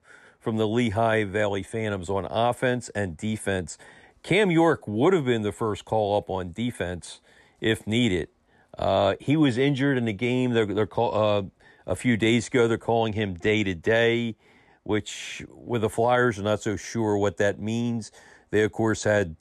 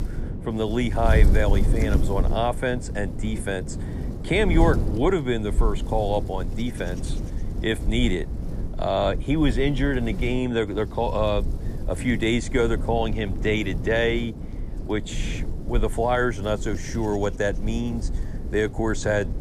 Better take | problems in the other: first | wind noise on the microphone; occasional gusts; 15 dB below the speech

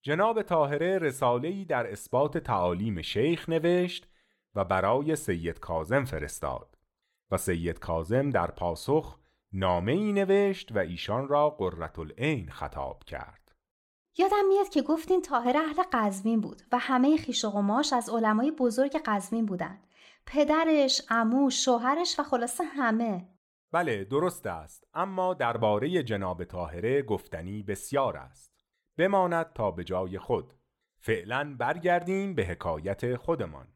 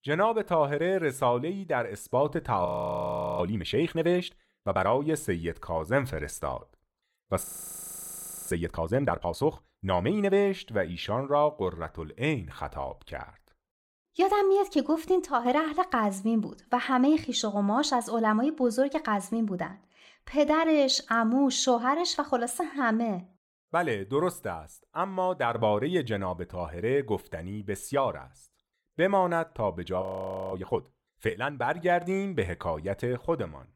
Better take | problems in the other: first | audio freezing; at 2.5 s for 0.5 s, at 7.5 s for 1 s and at 30 s for 0.5 s

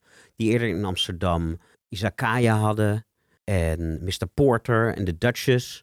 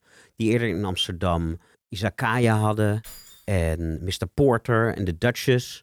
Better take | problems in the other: first | jangling keys; faint; at 3 s; peak 20 dB below the speech

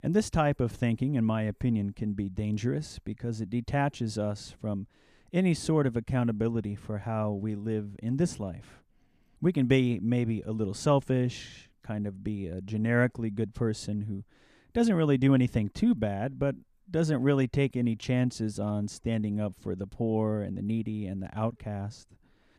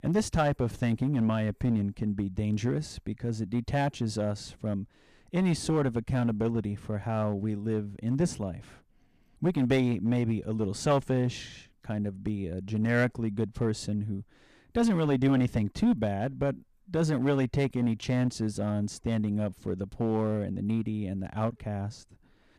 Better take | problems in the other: first | distortion; slight; 4% of the sound clipped

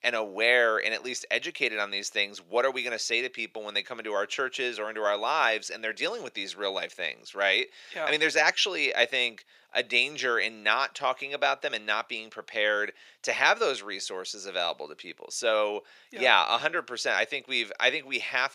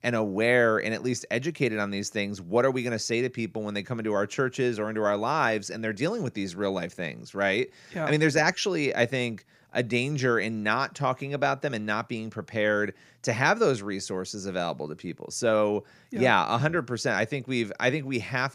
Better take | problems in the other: second | thin; very; fading below 600 Hz

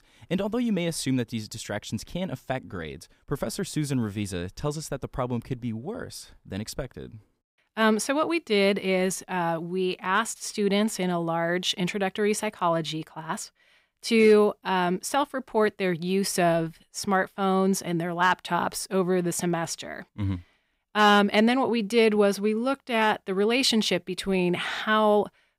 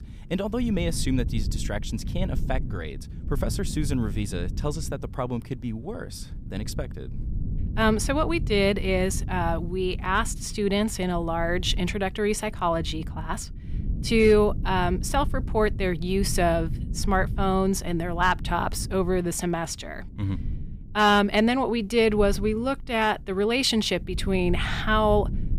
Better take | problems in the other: first | low rumble; faint; throughout; 20 dB below the speech

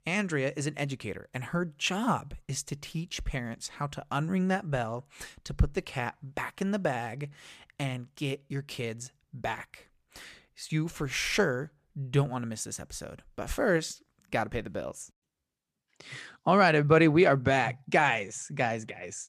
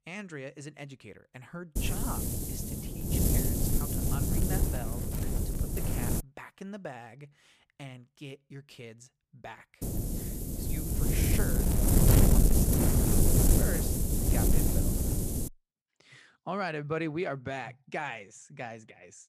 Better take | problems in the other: first | wind noise on the microphone; heavy; from 2 to 6 s and from 10 to 15 s; 5 dB above the speech

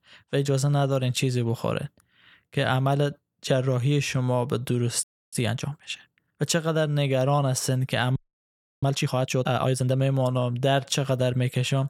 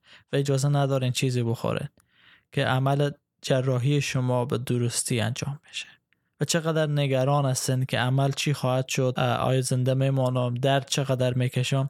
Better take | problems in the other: second | audio freezing; at 5 s and at 8 s for 0.5 s

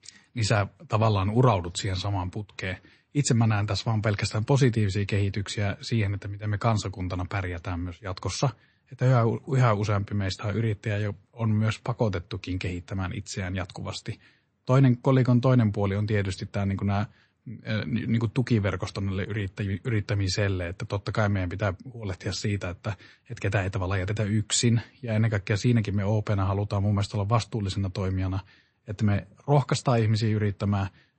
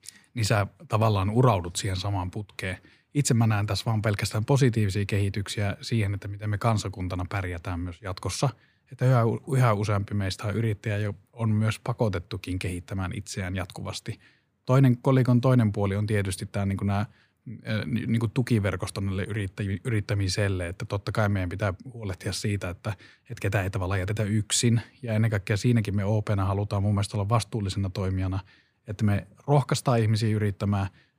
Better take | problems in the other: second | garbled, watery; slightly; nothing above 8 kHz

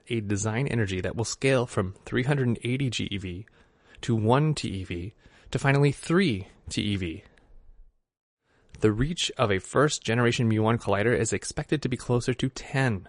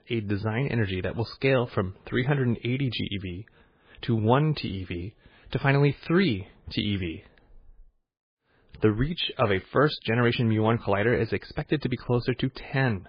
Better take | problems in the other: first | garbled, watery; badly; nothing above 4.5 kHz; slightly in the first

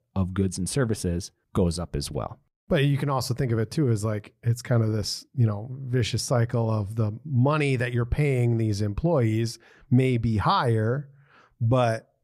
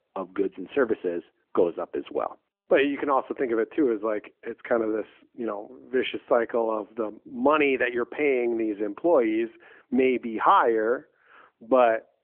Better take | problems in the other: first | phone-call audio; nothing above 3 kHz

